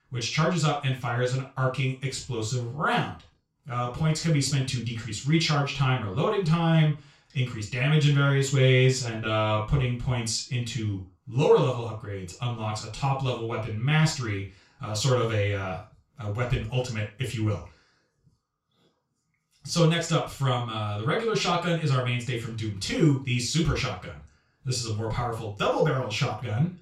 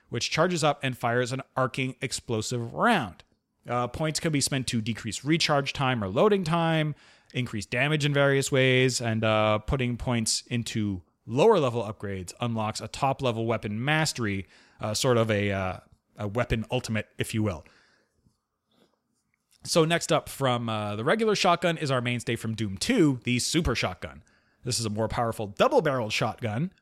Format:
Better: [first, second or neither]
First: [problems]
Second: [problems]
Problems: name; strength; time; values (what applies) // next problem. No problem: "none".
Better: second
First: room echo; noticeable; dies away in 0.3 s // off-mic speech; far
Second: none